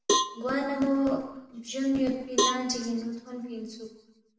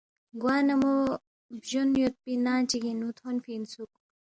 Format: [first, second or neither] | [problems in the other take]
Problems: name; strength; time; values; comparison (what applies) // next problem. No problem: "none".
second | background sound (Cowbell); 2 dB below the speech // room echo; dies away in 1 s